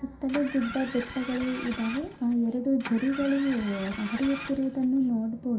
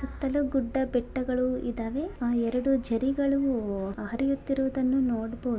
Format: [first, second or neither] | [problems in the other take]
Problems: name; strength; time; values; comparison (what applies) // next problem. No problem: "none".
second | background sound (Engine starting); 13 dB below the speech // room echo; dies away in 0.3 s